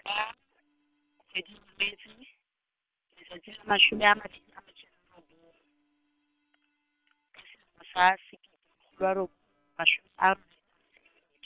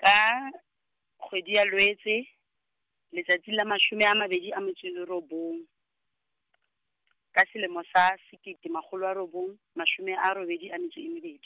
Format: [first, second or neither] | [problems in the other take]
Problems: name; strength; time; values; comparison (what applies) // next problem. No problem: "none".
second | noise reduction (neural separator model SepFormer WHAM!)